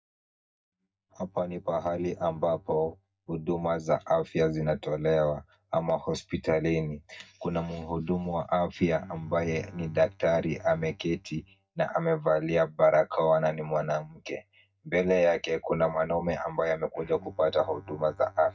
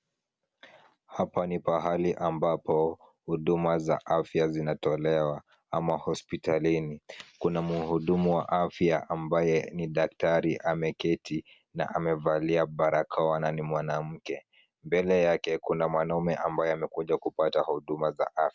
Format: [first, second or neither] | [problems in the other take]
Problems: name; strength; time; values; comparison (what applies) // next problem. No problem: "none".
second | noise reduction (neural mask model DeepFilterNet 3)